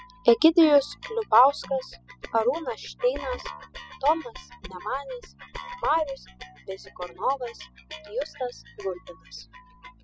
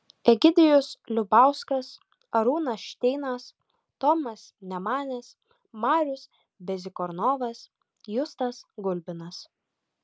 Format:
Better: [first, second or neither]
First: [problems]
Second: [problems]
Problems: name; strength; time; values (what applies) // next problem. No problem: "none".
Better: second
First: noise reduction (classical method spectral subtraction)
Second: none